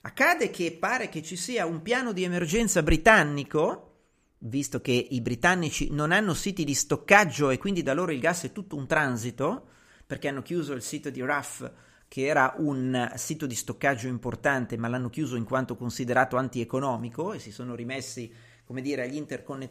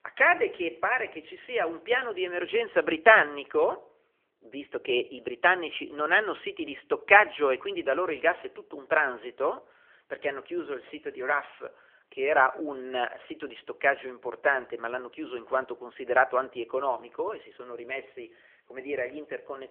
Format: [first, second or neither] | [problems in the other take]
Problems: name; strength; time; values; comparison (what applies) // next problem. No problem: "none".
first | phone-call audio; nothing above 3 kHz